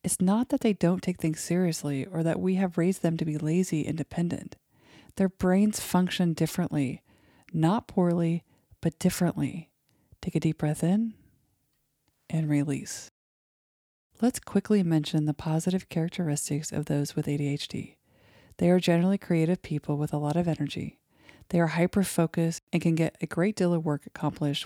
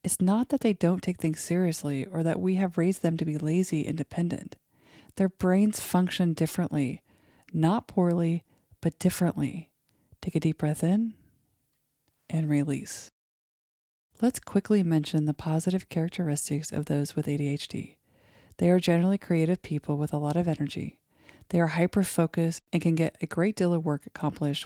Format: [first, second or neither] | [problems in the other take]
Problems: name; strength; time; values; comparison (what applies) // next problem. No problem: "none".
first | garbled, watery; slightly